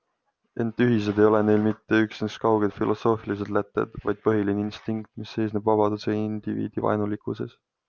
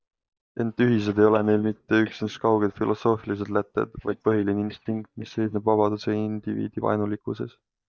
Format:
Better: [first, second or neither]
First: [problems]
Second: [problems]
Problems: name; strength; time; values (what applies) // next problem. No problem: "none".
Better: first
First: none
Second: noise reduction (neural mask model DeepFilterNet 3)